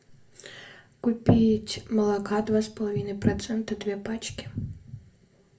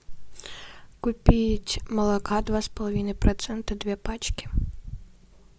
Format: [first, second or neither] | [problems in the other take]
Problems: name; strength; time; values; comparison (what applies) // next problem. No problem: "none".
second | room echo; dies away in 0.3 s